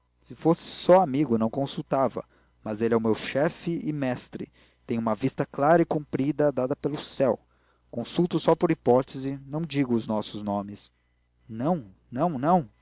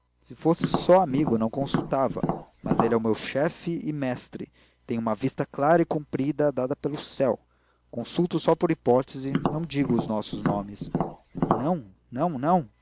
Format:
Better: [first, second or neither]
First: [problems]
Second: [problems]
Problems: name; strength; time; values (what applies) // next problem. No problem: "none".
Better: first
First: none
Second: background sound (Tap); 3 dB below the speech